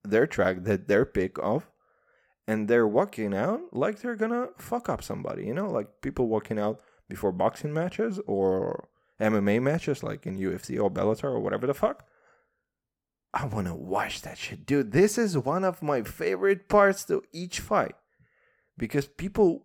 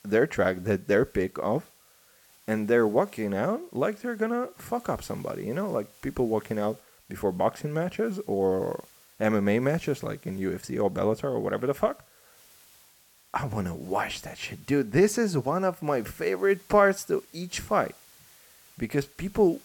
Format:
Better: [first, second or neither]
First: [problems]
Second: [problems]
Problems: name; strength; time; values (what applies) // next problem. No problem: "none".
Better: first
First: none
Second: hiss; faint; throughout; 25 dB below the speech